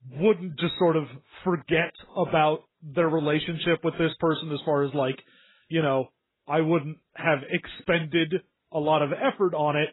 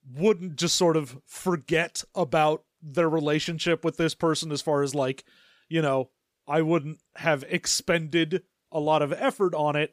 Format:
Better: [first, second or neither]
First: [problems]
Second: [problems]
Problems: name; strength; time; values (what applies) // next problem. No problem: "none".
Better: second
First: garbled, watery; badly; nothing above 4 kHz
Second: none